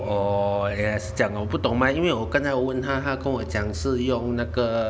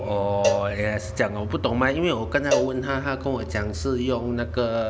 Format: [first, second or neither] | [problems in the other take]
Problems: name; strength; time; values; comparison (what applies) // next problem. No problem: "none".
first | background sound (Cowbell); 7 dB below the speech